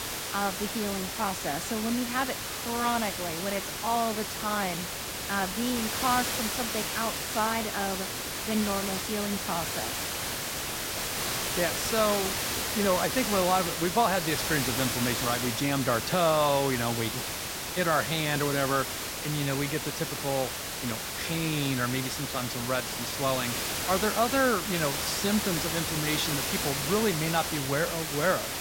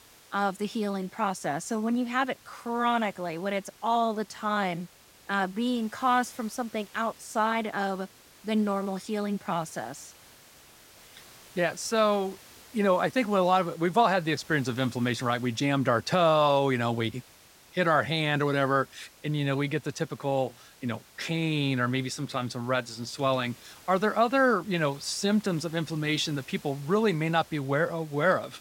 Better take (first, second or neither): second